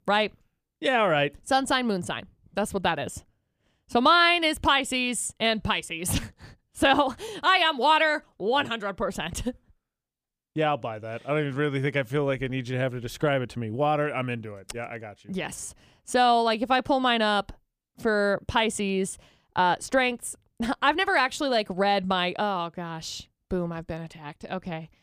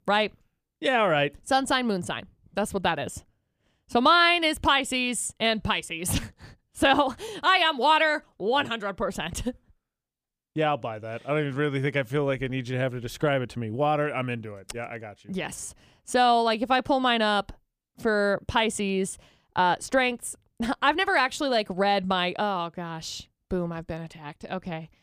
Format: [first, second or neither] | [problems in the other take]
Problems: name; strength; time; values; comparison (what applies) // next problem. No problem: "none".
neither | none